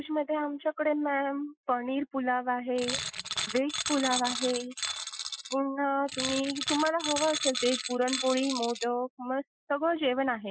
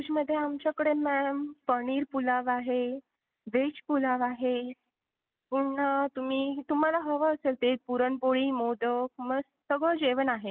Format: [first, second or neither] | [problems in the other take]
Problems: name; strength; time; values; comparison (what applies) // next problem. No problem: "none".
second | noise reduction (classical method Wiener filter)